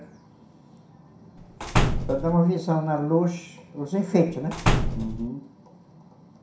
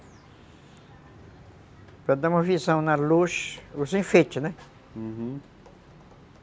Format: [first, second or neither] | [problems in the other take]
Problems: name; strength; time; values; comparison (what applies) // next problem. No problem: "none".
second | background sound (Slam); 3 dB above the speech // room echo; dies away in 0.5 s